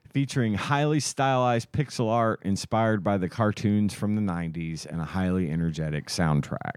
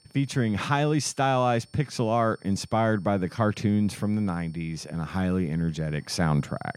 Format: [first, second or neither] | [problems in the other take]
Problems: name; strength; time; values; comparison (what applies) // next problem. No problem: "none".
first | high-pitched whine; faint; throughout; 5.5 kHz, 30 dB below the speech